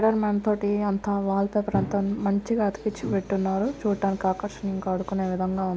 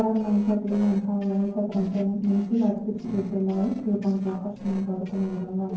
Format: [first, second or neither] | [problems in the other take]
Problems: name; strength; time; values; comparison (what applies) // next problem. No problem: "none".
first | noise reduction (neural separator model SepFormer DNS4)